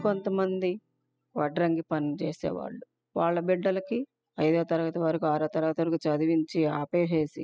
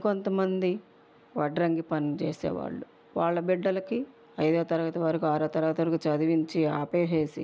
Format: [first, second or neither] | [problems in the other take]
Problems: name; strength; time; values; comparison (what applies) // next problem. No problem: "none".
second | noise reduction (classical method spectral subtraction)